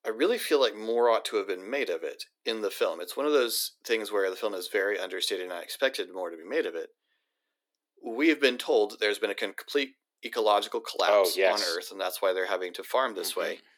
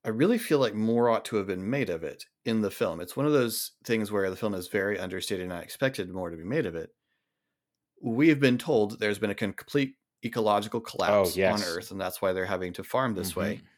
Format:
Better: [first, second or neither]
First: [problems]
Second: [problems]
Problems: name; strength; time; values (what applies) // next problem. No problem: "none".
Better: second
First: thin; somewhat; fading below 350 Hz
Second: none